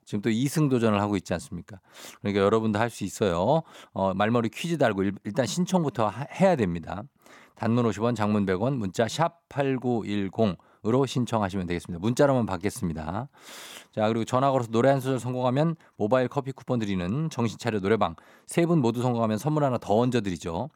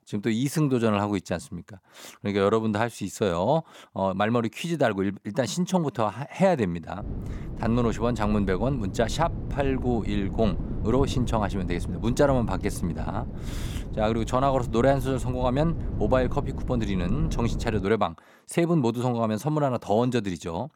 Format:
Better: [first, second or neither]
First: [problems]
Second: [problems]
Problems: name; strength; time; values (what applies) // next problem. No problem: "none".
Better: first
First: none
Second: wind noise on the microphone; occasional gusts; from 7 to 18 s; 15 dB below the speech